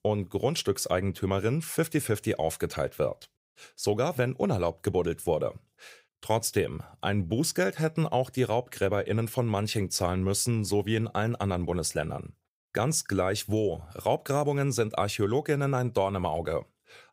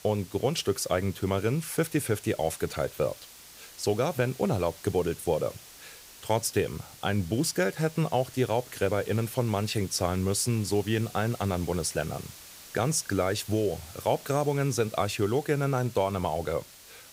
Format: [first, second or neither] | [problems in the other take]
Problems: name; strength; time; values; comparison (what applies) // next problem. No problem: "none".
first | hiss; noticeable; throughout; 20 dB below the speech